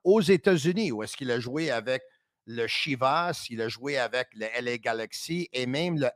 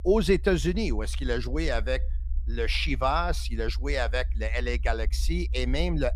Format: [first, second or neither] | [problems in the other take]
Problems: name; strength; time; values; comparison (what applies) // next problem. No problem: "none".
first | low rumble; faint; throughout; 25 dB below the speech